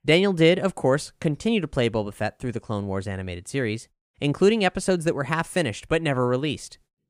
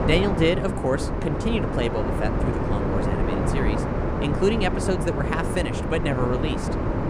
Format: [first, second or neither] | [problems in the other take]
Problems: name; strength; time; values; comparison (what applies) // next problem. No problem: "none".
first | wind noise on the microphone; heavy; 1 dB below the speech